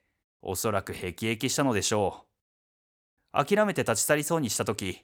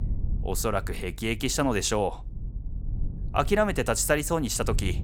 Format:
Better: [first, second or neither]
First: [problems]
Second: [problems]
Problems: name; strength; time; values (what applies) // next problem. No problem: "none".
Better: first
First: none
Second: low rumble; faint; throughout; 25 dB below the speech